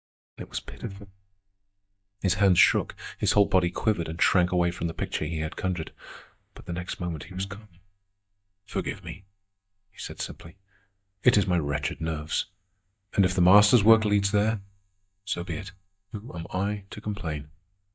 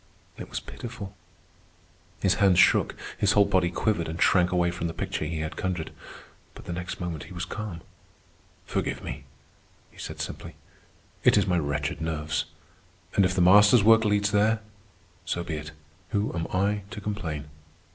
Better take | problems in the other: second | noise reduction (neural mask model DeepFilterNet 3)

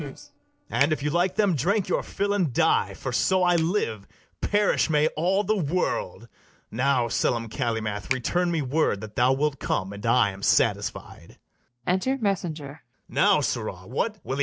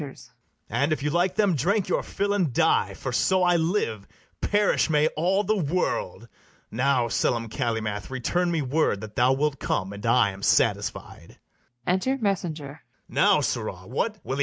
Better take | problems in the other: second | noise reduction (neural separator model SepFormer DNS4)

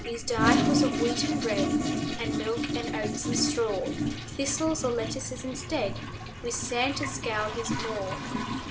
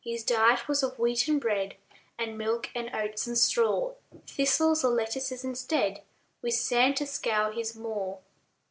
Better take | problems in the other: second | background sound (Toilet flush); 1 dB above the speech

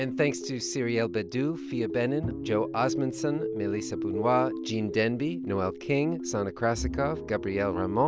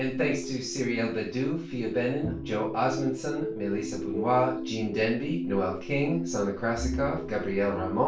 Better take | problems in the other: first | room echo; dies away in 0.3 s

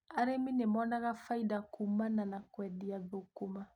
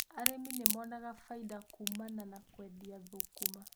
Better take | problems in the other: first | background sound (Crack); 4 dB above the speech

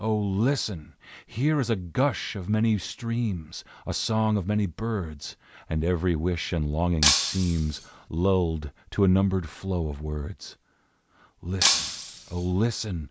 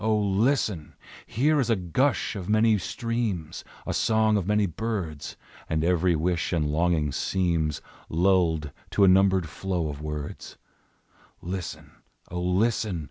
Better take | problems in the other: second | background sound (Shatter); 1 dB below the speech

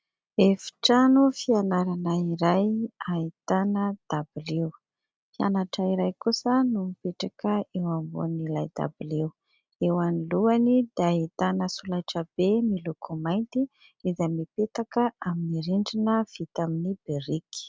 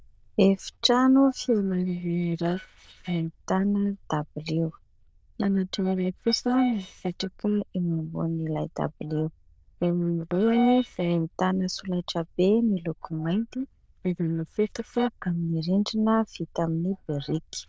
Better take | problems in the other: first | noise reduction (neural diffusion model UNIVERSE++)

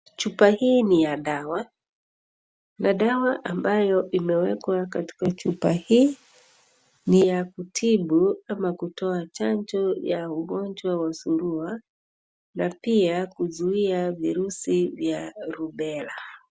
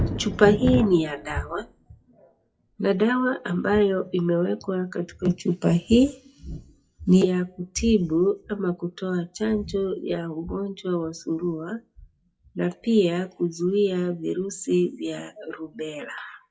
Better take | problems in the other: first | noise reduction (classical method WPE with log-MMSE)

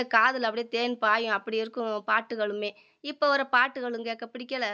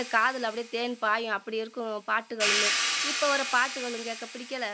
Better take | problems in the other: first | background sound (Hi-hat); 3 dB below the speech

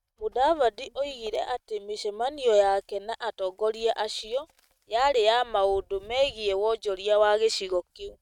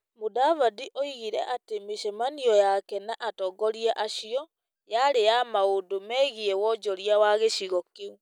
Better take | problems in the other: second | noise reduction (neural mask model RNNoise)

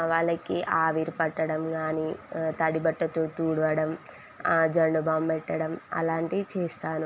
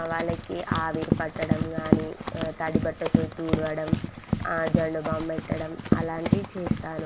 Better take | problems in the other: first | background sound (Run); 3 dB above the speech

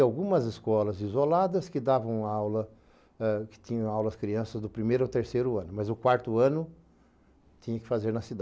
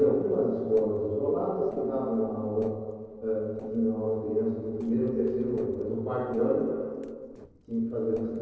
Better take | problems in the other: first | noise reduction (neural separator model SepFormer DNS4)

